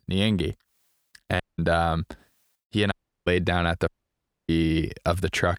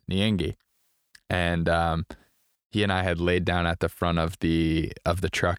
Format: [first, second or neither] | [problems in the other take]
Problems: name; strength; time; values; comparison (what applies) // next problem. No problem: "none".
second | audio cutting out; at 1.5 s, at 3 s and at 4 s for 0.5 s